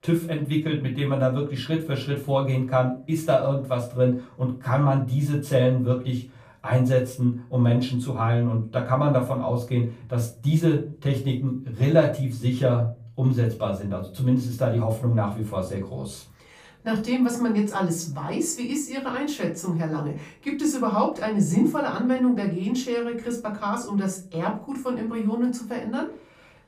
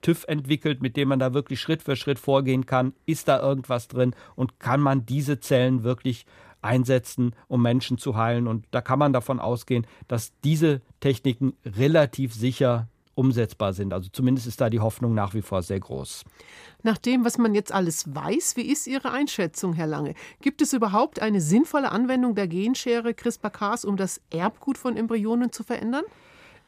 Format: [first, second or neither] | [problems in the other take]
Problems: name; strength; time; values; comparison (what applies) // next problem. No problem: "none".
second | off-mic speech; far // room echo; slight; dies away in 0.3 s